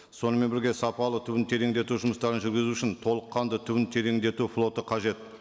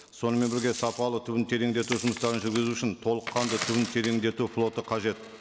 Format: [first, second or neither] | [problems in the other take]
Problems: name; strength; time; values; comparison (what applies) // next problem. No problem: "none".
first | background sound (Coin (dropping)); 12 dB below the speech